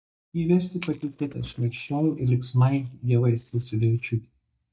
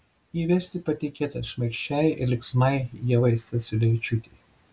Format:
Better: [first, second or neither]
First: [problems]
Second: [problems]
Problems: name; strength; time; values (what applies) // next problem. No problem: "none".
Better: second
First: noise reduction (neural mask model DeepFilterNet 3)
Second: none